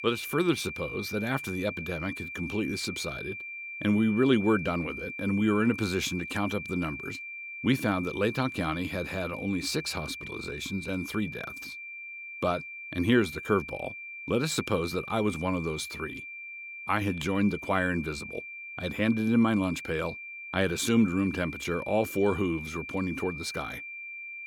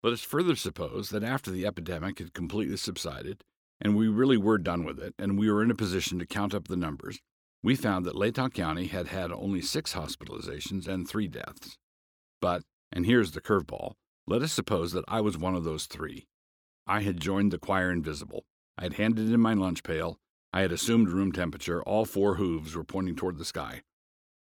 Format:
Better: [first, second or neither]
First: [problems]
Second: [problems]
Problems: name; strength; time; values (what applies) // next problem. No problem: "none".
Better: second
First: high-pitched whine; loud; throughout; 2.5 kHz, 9 dB below the speech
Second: none